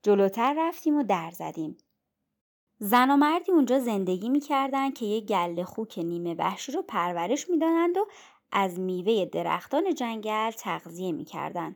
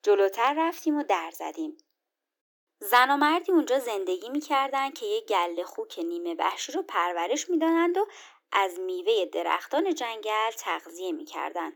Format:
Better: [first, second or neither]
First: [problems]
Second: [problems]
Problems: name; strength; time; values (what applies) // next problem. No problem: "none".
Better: first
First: none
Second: thin; somewhat; fading below 300 Hz